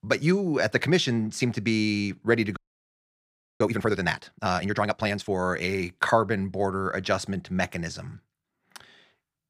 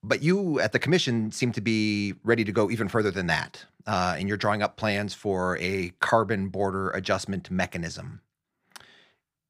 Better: second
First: audio freezing; at 2.5 s for 1 s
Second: none

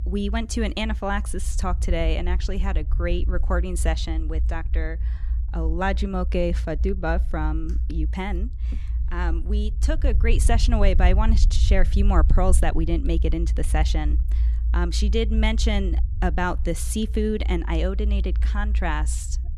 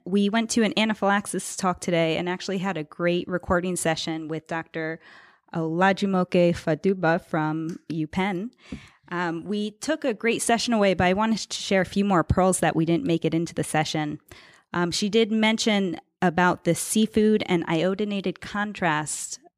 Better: second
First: low rumble; noticeable; throughout; 15 dB below the speech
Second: none

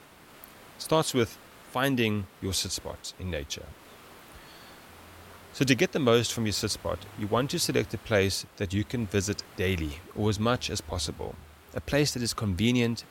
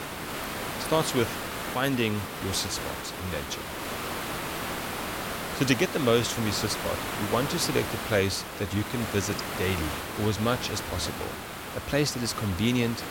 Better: first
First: hiss; faint; throughout; 20 dB below the speech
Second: hiss; loud; throughout; 5 dB below the speech

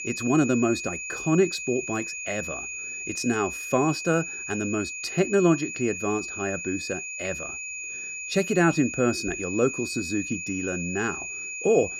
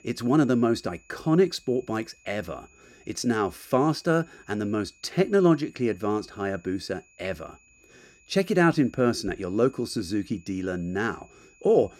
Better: second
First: high-pitched whine; loud; throughout; 2.5 kHz, 6 dB below the speech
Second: high-pitched whine; faint; throughout; 2.5 kHz, 30 dB below the speech

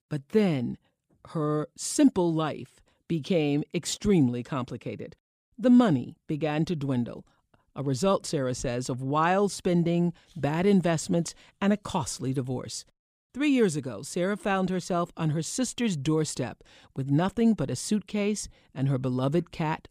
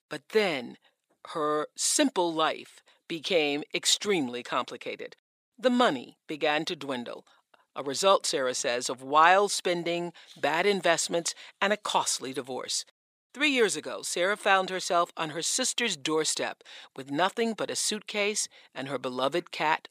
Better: first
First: none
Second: thin; somewhat; fading below 550 Hz

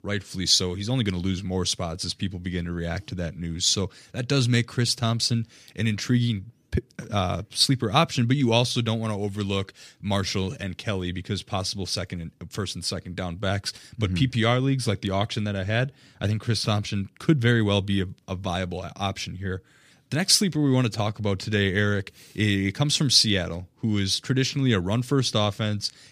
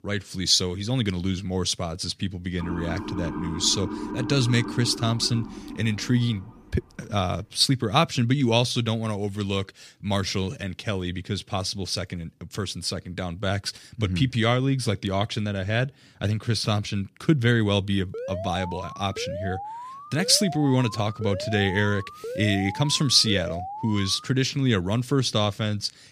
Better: first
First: none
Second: siren; noticeable; from 2.5 to 6.5 s; peak 7 dB below the speech // alarm; noticeable; from 18 to 24 s; peak 8 dB below the speech

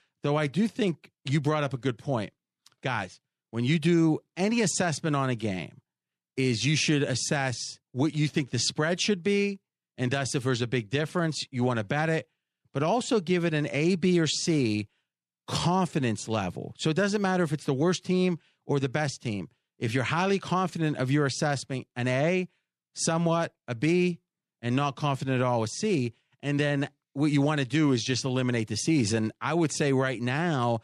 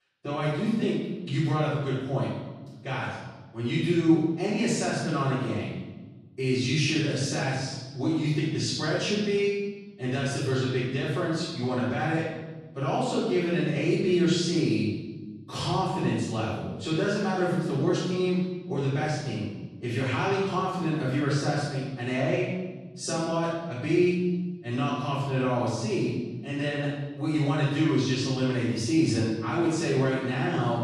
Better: first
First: none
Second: room echo; strong; dies away in 1.1 s // off-mic speech; far

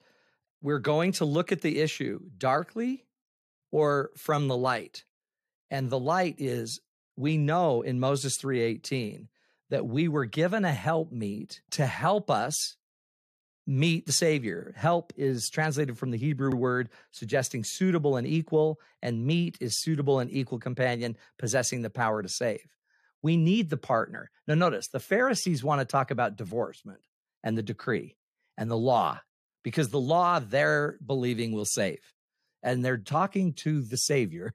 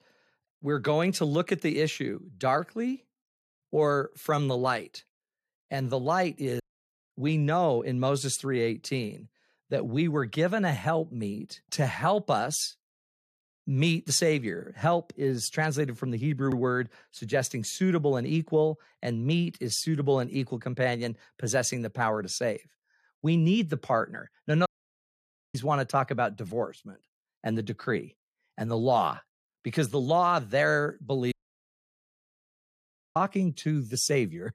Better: first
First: none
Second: audio cutting out; at 6.5 s, at 25 s for 1 s and at 31 s for 2 s

